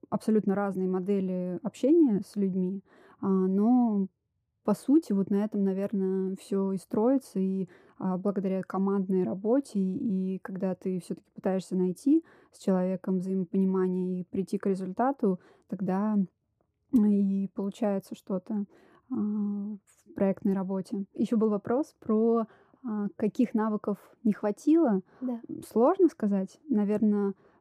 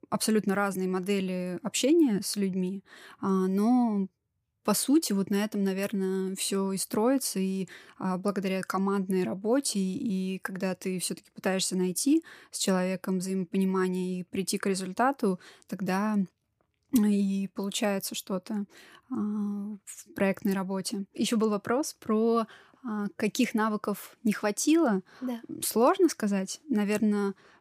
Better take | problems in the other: second | muffled; very; fading above 1.5 kHz

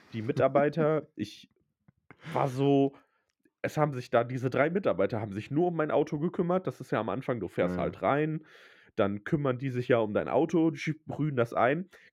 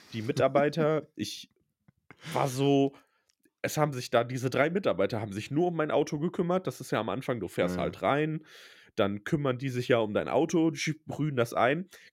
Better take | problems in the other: second | muffled; slightly; fading above 3 kHz

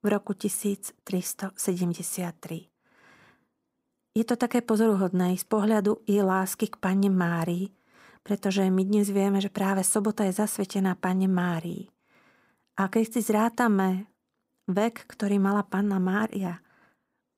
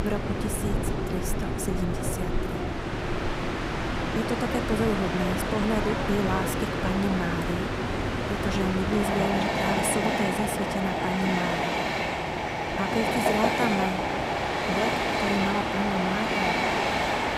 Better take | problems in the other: first | train or aircraft noise; very loud; throughout; 3 dB above the speech

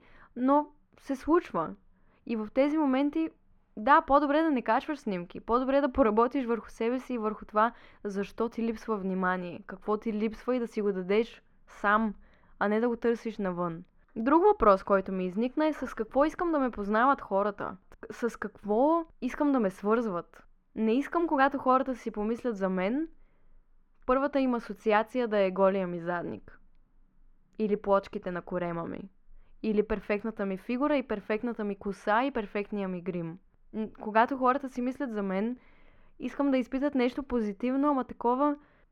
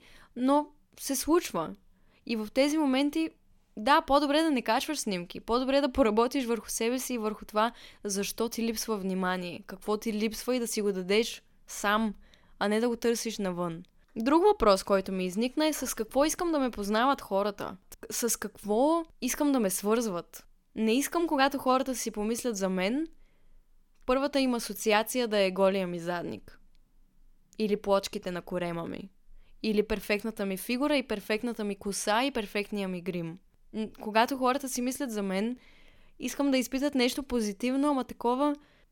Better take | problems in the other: second | muffled; very; fading above 3.5 kHz

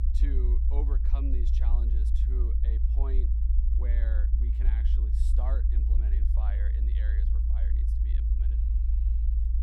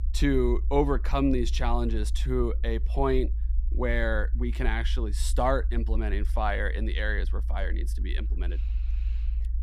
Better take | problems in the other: second | low rumble; loud; throughout; 1 dB below the speech; faint in the second

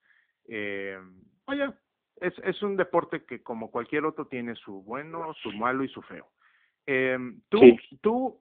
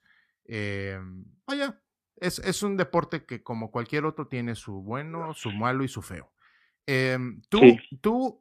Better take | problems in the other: second | phone-call audio

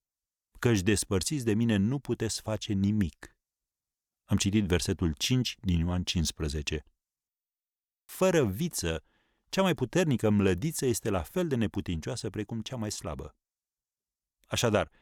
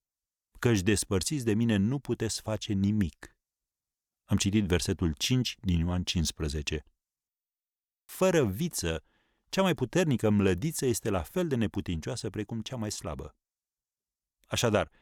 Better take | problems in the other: neither | none

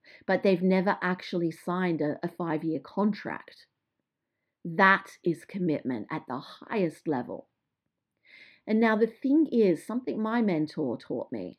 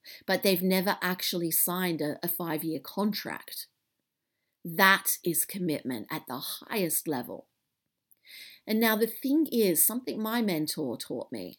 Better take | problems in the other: second | muffled; very; fading above 2 kHz

